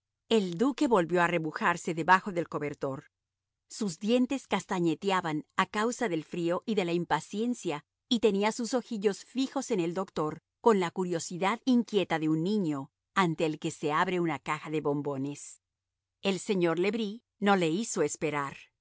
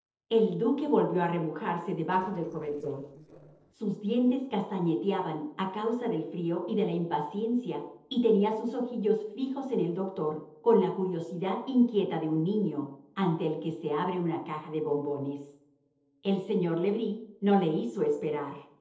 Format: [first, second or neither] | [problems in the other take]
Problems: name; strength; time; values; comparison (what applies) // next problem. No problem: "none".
first | noise reduction (neural separator model SepFormer DNS4)